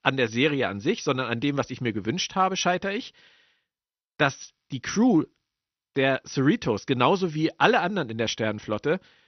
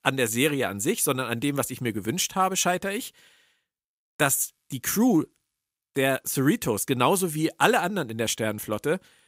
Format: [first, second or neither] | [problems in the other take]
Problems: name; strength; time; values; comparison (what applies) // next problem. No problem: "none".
second | garbled, watery; slightly; nothing above 6 kHz